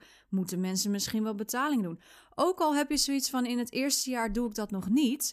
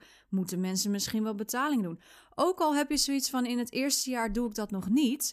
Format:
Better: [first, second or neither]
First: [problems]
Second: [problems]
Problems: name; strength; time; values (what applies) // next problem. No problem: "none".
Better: neither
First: none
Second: none